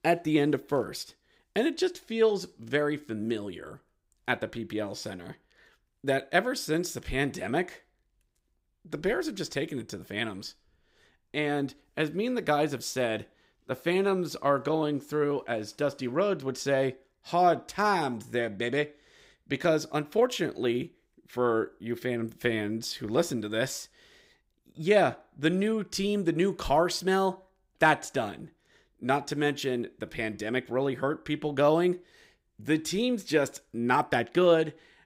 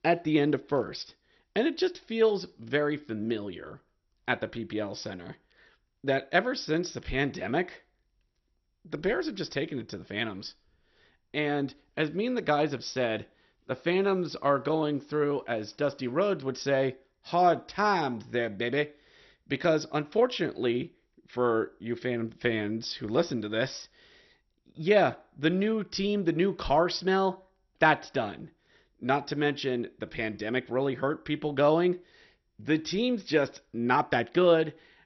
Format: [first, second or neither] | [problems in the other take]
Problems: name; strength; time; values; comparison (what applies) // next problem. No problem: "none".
first | garbled, watery; slightly; nothing above 6 kHz